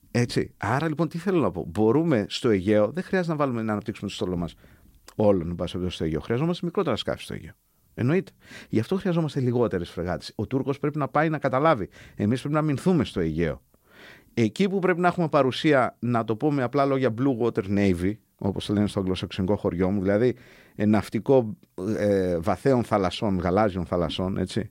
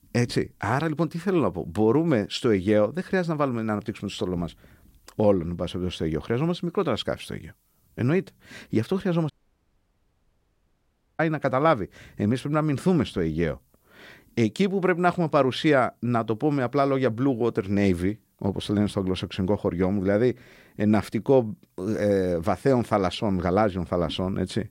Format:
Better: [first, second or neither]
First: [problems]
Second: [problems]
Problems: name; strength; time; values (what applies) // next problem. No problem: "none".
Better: first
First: none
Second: audio cutting out; at 9.5 s for 2 s